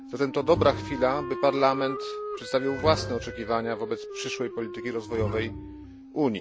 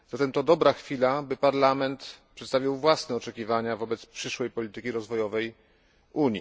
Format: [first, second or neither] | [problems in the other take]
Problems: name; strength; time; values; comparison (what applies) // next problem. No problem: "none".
second | background sound (Bowed string instrument + Wind instrument, woodwind instrument); 8 dB below the speech